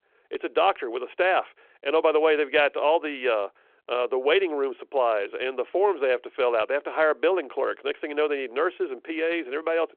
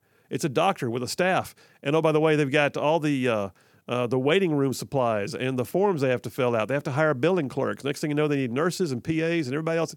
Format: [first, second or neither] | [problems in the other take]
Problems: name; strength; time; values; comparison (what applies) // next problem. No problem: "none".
second | phone-call audio